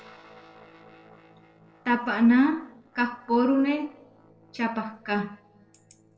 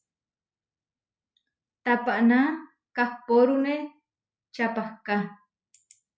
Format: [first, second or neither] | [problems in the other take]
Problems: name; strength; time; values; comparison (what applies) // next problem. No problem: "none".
second | noise reduction (neural separator model SepFormer DNS4)